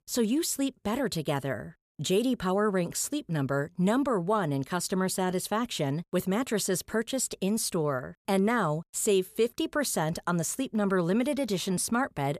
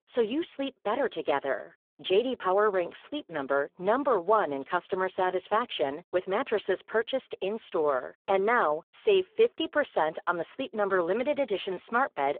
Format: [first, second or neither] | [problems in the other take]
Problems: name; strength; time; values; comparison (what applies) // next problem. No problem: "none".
first | phone-call audio; poor line